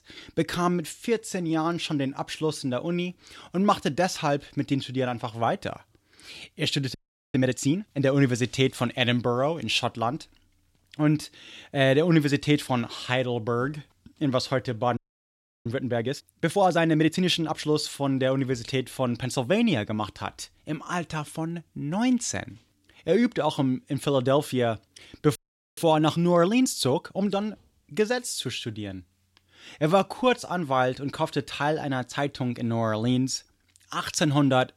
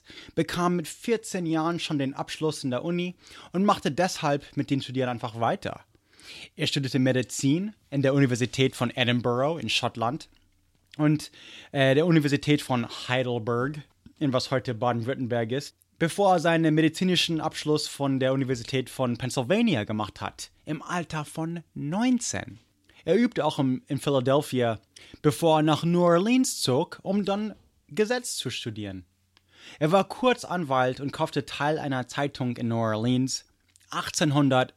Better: second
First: audio freezing; at 7 s, at 15 s for 0.5 s and at 25 s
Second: none

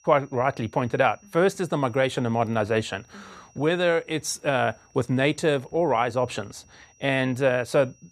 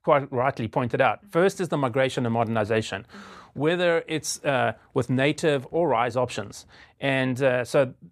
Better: second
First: high-pitched whine; faint; throughout; 5.5 kHz, 30 dB below the speech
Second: none

